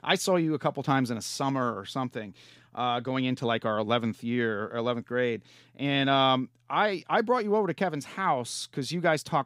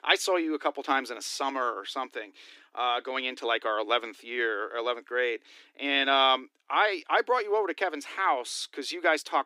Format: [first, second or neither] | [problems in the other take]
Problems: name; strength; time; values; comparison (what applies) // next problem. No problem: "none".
first | thin; somewhat; fading below 300 Hz